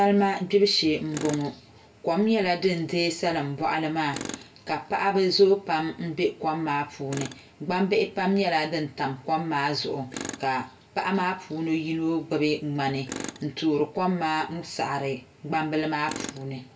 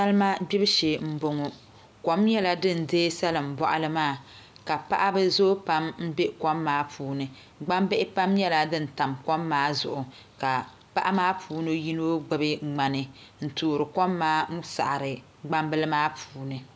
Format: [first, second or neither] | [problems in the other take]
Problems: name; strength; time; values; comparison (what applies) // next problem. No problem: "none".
second | background sound (Tools); 18 dB below the speech // room echo; dies away in 0.2 s